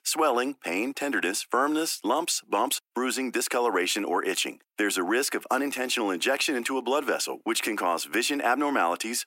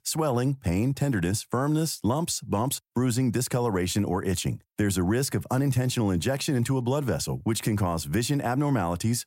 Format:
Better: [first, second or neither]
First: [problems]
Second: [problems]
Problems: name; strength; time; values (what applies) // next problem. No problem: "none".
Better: second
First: thin; somewhat; fading below 300 Hz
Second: none